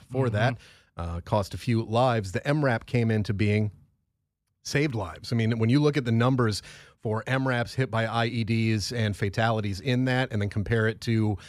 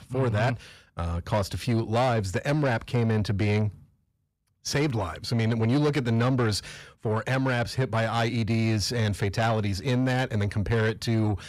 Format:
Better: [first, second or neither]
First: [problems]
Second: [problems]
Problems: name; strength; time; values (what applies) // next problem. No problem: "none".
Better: first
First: none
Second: distortion; slight; 10 dB below the speech